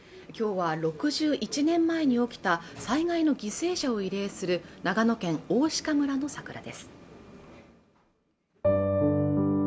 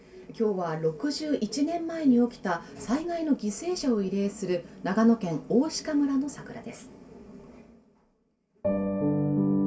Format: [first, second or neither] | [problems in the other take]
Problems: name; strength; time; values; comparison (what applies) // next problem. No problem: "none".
first | room echo; dies away in 0.2 s